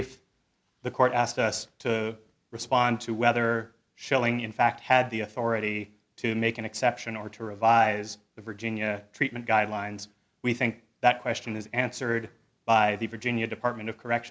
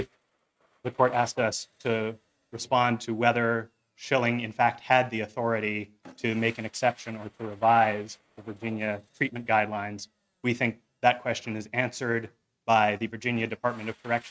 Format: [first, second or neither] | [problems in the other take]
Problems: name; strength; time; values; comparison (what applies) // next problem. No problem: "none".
first | noise reduction (neural mask model RNNoise)